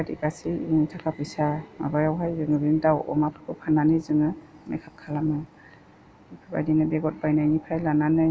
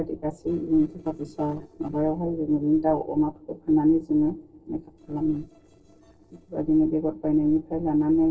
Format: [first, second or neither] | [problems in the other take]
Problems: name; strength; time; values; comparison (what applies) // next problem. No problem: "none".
first | noise reduction (neural separator model SepFormer DNS4)